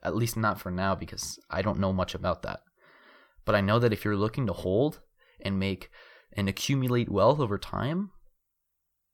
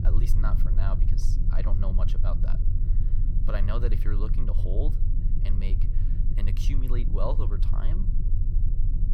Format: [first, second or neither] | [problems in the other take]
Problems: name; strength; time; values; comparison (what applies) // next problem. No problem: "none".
first | low rumble; loud; throughout; 6 dB below the speech